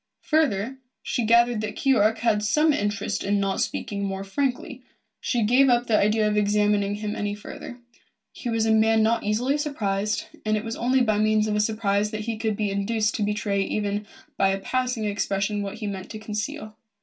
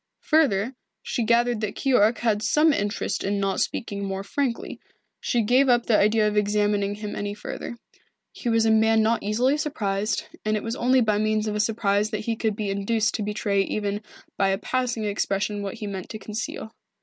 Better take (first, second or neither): second